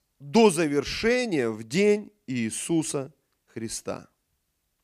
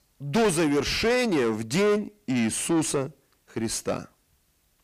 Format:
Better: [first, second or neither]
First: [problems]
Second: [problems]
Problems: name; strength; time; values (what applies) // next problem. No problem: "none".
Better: first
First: none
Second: distortion; heavy; 6 dB below the speech